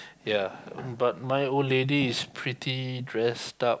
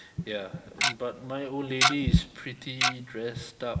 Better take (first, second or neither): first